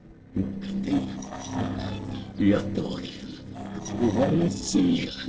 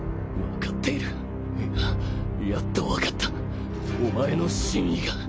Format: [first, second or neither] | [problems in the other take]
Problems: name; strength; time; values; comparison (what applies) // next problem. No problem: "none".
second | noise reduction (neural separator model SepFormer DNS4)